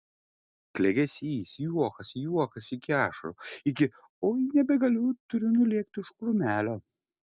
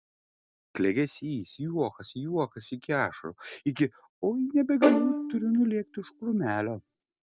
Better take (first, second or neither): first